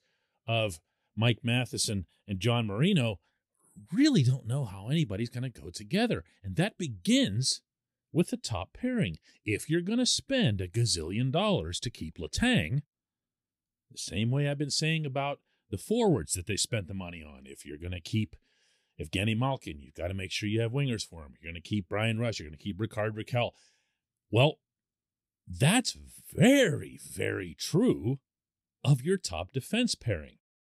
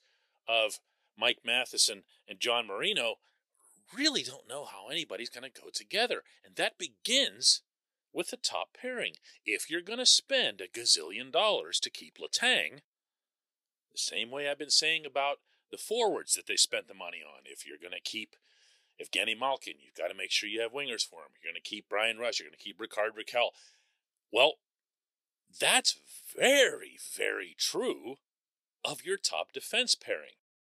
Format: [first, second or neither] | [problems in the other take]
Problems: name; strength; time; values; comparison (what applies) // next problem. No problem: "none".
first | thin; very; fading below 500 Hz